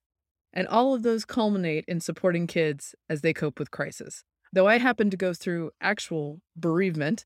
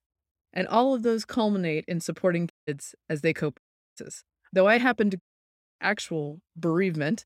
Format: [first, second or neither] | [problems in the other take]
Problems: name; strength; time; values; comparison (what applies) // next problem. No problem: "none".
first | audio cutting out; at 2.5 s, at 3.5 s and at 5 s for 0.5 s